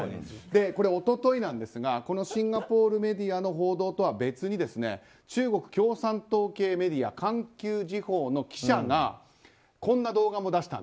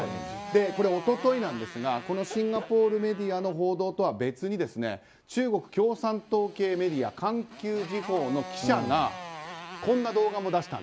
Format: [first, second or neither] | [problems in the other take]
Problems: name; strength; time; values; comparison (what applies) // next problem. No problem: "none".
first | background sound (Motorcycle); 15 dB below the speech